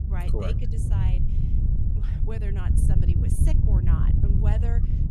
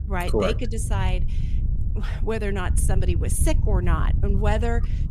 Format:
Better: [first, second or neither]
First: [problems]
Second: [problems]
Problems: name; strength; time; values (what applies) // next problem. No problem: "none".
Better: second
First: wind noise on the microphone; heavy; 2 dB above the speech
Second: wind noise on the microphone; occasional gusts; 15 dB below the speech